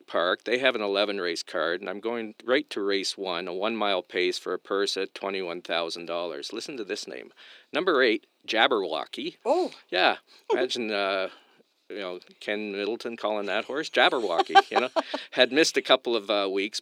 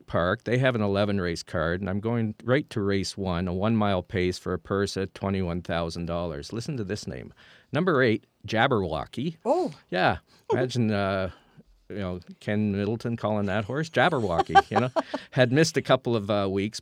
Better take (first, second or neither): second